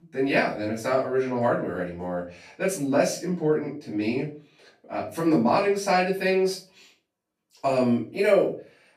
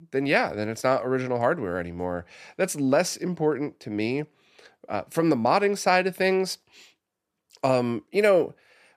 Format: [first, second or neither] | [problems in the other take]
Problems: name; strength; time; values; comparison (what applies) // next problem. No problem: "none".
second | off-mic speech; far // room echo; slight; dies away in 0.3 s